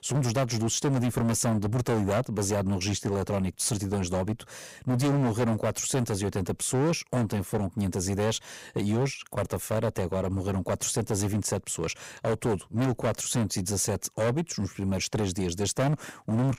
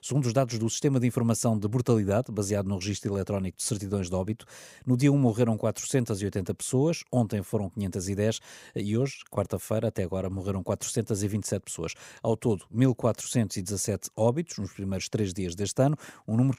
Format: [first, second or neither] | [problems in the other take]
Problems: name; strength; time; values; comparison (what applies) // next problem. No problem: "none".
second | distortion; heavy; 15% of the sound clipped